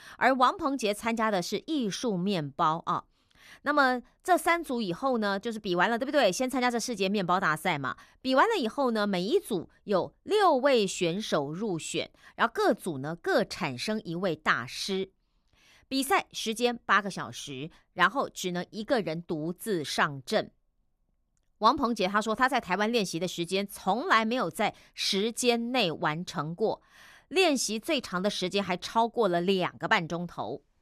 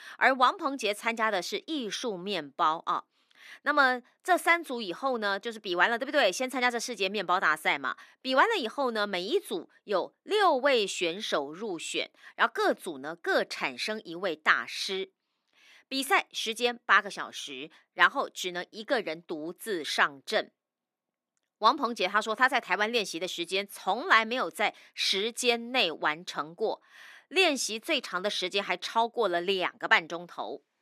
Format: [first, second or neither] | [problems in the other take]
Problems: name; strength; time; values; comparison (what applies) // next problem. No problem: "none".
first | thin; very slightly; fading below 250 Hz